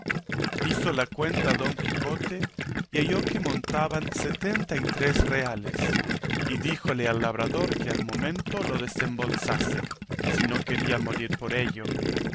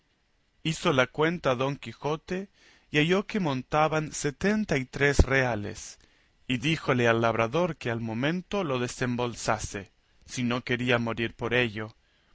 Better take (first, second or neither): second